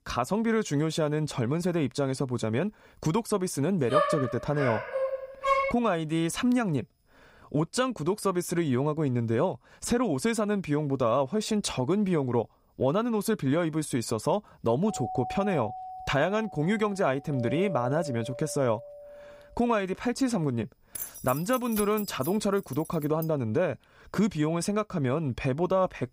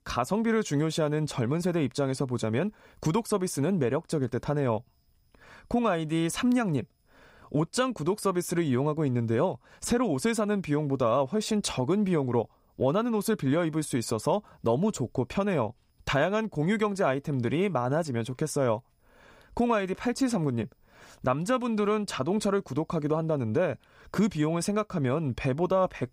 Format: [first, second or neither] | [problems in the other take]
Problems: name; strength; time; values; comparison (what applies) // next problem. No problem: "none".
second | dog barking; loud; from 4 to 5.5 s; peak 2 dB above the speech // doorbell; noticeable; from 15 to 19 s; peak 7 dB below the speech // jangling keys; noticeable; from 21 to 23 s; peak 8 dB below the speech